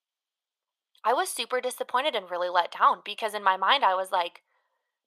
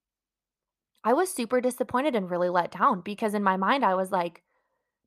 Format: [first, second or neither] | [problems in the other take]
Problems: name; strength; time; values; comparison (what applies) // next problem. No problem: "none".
second | thin; very; fading below 750 Hz